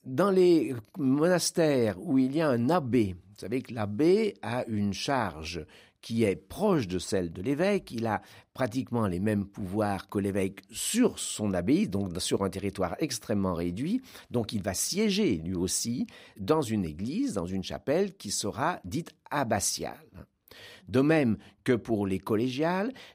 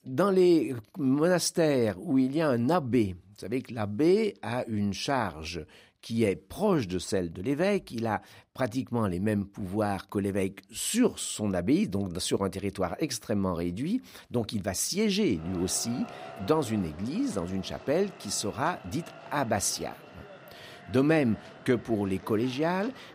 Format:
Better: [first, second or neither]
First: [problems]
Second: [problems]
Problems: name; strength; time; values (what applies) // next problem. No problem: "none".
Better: first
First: none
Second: traffic noise; noticeable; throughout; 20 dB below the speech